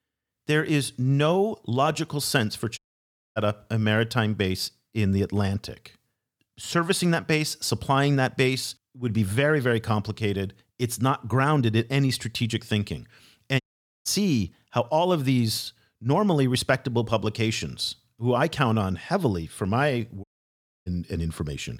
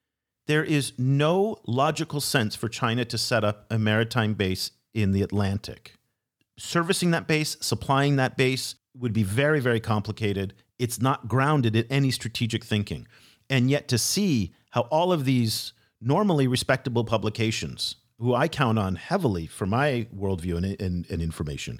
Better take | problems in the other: second | audio cutting out; at 3 s for 0.5 s, at 14 s and at 20 s for 0.5 s

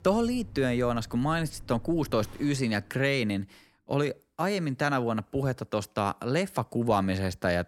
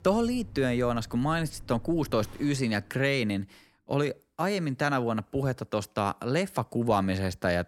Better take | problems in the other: neither | rain or running water; faint; until 2.5 s; 20 dB below the speech; the same in both

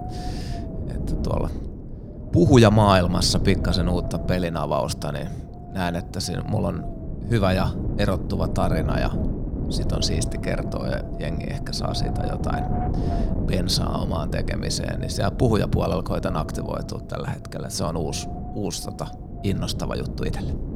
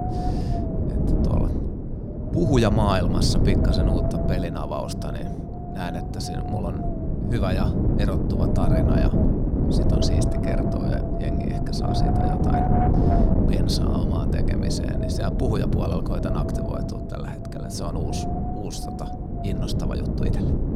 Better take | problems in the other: first | wind noise on the microphone; heavy; 1 dB above the speech; occasional gusts in the first

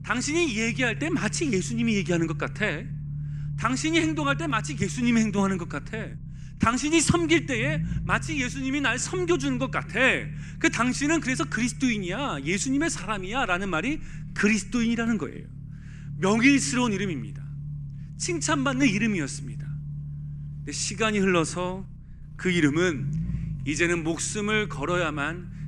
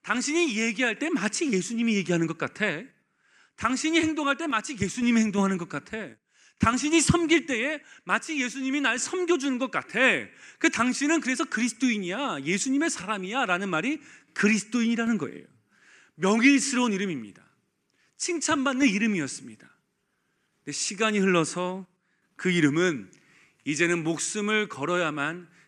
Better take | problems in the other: second | low rumble; faint; throughout; 20 dB below the speech

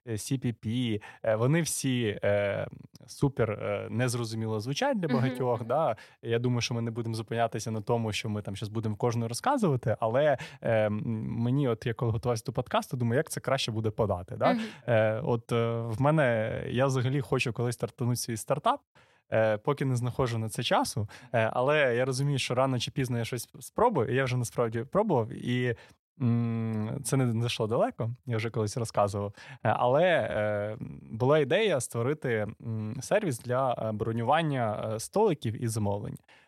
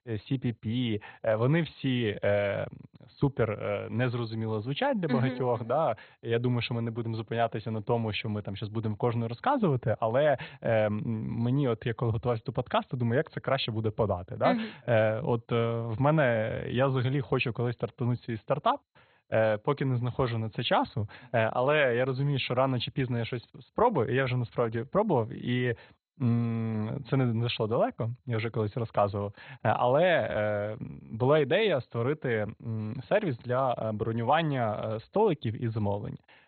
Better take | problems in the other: first | garbled, watery; badly; nothing above 4 kHz

